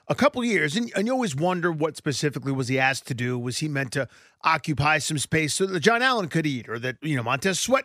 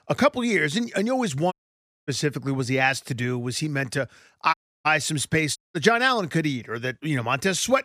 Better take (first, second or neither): first